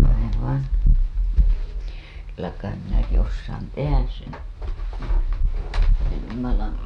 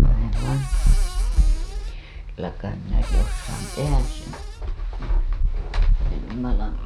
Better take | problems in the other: first | background sound (Cupboard open or close / Door); 19 dB below the speech

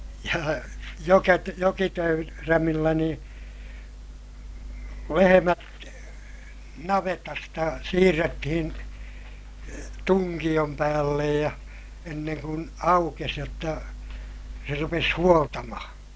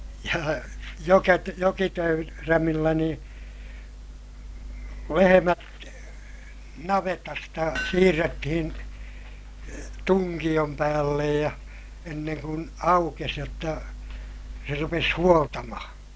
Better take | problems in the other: first | background sound (Hammer); 13 dB below the speech

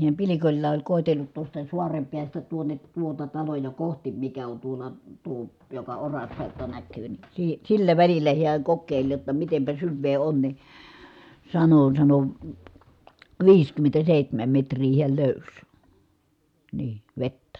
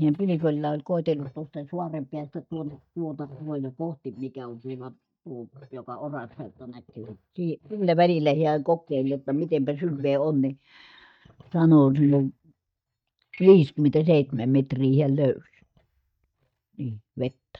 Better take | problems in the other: first | noise reduction (neural mask model DeepFilterNet 3)

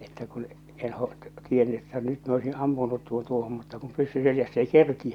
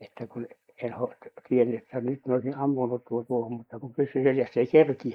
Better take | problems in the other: first | noise reduction (neural mask model Resemble Enhance denoiser)

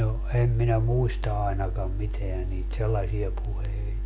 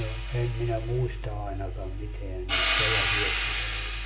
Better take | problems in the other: first | background sound (Hi-hat); 1 dB below the speech // room echo; dies away in 0.4 s

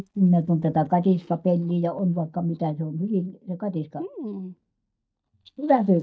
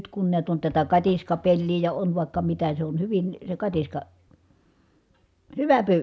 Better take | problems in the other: second | noise reduction (neural mask model DeepFilterNet 3)

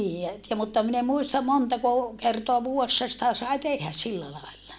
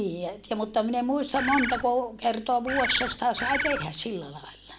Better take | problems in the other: first | background sound (Bird); 2 dB below the speech

